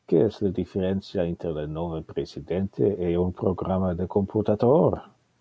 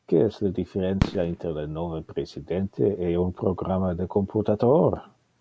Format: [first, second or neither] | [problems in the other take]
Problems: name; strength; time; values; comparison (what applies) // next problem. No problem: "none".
first | background sound (Fireworks); 11 dB below the speech